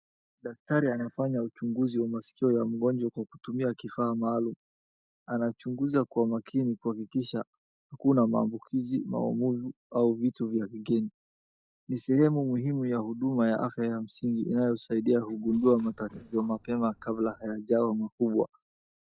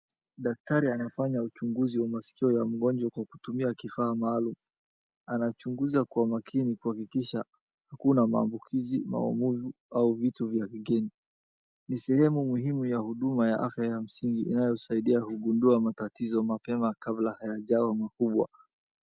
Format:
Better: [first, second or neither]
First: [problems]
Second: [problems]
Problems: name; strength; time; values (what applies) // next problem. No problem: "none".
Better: second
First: noise reduction (neural mask model DeepFilterNet 3)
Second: none